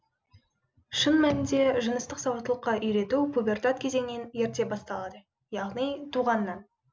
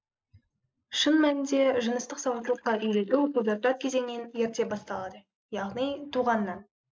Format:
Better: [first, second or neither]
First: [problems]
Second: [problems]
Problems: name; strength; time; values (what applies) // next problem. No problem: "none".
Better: first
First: none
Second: noise reduction (neural mask model Resemble Enhance denoiser)